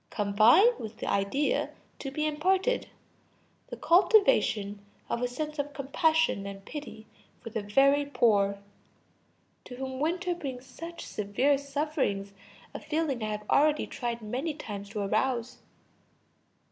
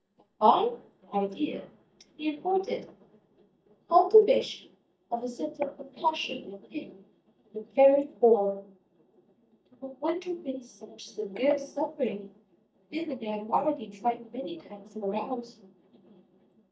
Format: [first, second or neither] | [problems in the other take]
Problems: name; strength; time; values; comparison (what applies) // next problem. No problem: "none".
first | noise reduction (neural mask model DeepFilterNet 3)